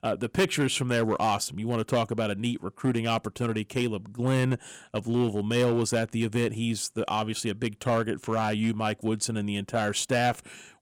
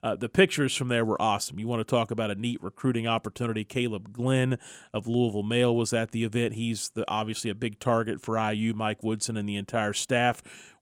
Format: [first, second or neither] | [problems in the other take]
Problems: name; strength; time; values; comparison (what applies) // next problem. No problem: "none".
second | distortion; slight; 4% of the sound clipped